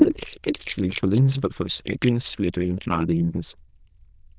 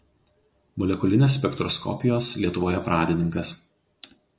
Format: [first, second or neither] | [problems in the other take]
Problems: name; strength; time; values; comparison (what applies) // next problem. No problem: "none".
second | noise reduction (neural diffusion model UNIVERSE++)